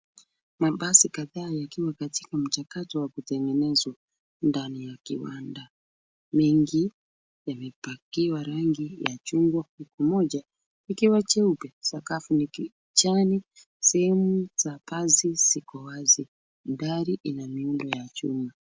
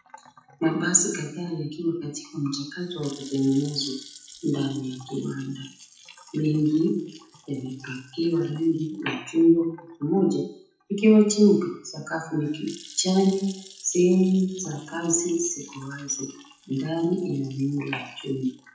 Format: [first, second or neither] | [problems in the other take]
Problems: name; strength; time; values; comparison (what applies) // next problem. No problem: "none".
first | noise reduction (classical method WPE with log-MMSE)